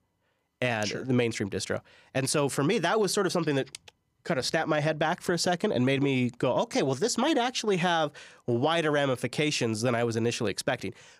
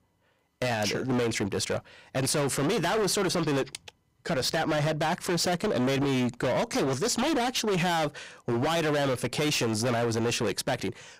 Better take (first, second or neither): first